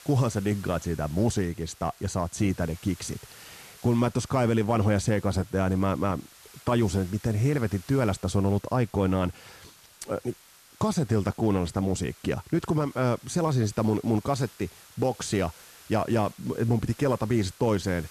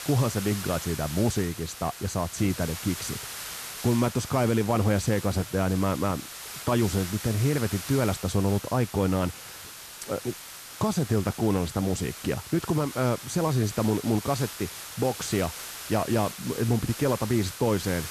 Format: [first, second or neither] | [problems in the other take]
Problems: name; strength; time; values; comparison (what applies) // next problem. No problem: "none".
first | hiss; loud; throughout; 10 dB below the speech; faint in the first